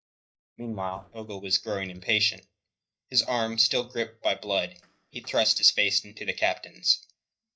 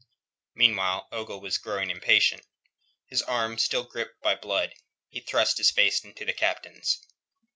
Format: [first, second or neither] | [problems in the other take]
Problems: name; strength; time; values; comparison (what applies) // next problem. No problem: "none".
second | noise reduction (neural mask model DeepFilterNet 3)